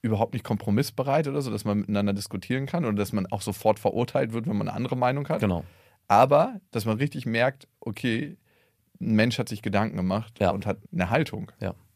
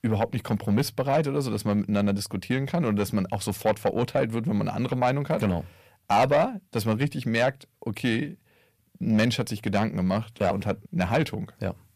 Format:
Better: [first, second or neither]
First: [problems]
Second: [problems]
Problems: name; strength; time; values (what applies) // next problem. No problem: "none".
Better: first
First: none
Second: distortion; slight; 10 dB below the speech